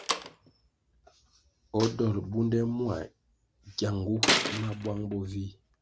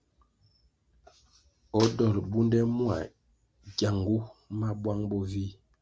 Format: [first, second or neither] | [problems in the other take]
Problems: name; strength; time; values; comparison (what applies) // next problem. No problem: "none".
second | background sound (Slam); 4 dB below the speech